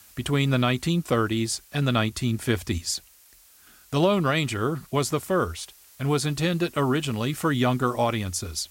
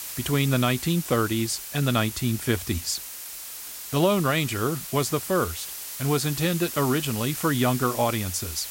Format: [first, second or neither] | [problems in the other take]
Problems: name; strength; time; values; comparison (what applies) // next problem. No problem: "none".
first | hiss; loud; throughout; 8 dB below the speech; faint in the first